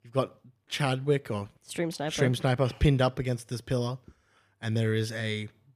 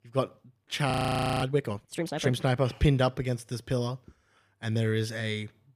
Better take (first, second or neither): first